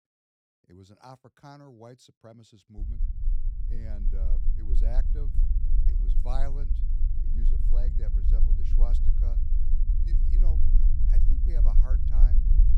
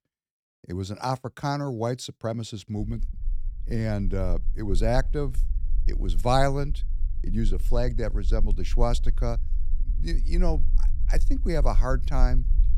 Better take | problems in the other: second | low rumble; loud; from 3 s on; 2 dB below the speech; faint in the second

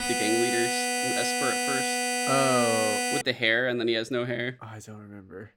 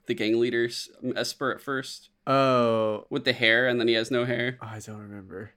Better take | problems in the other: second | alarm; loud; until 3 s; peak 2 dB above the speech

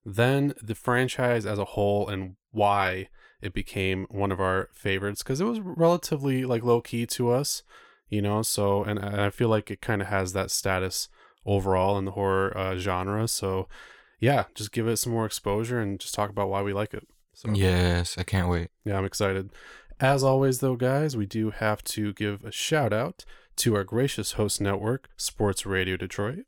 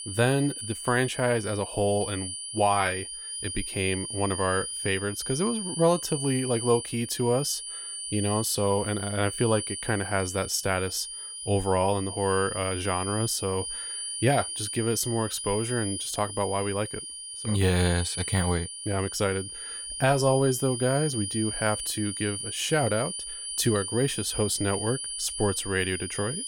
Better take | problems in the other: first | high-pitched whine; loud; throughout; 9.5 kHz, 6 dB below the speech

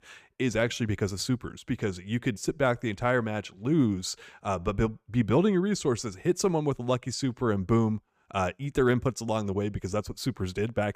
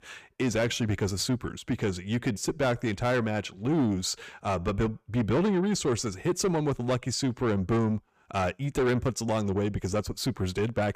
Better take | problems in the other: first | distortion; slight; 10 dB below the speech

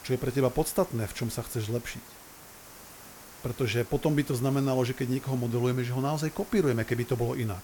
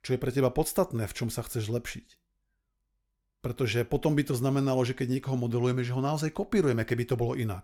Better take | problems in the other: second | hiss; noticeable; throughout; 15 dB below the speech

